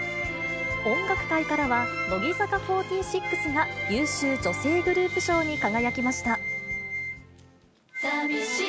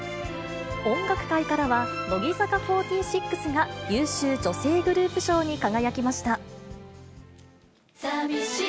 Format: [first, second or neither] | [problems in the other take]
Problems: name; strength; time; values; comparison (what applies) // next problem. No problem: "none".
second | background sound (Wind instrument, woodwind instrument); 5 dB below the speech